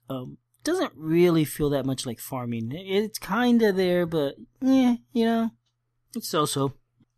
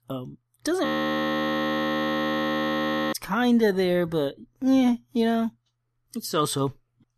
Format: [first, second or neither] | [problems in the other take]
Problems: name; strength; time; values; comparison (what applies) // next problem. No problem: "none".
first | audio freezing; at 1 s for 2.5 s